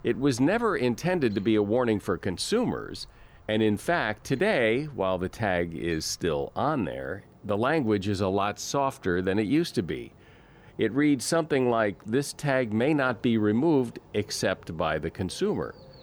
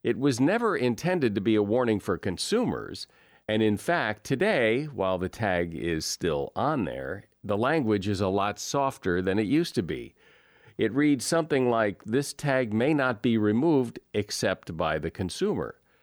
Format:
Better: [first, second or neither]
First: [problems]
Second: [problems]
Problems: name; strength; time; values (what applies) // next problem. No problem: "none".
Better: second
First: animal sounds; faint; throughout; 25 dB below the speech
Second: none